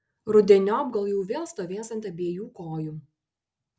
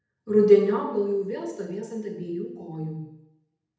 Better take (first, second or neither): first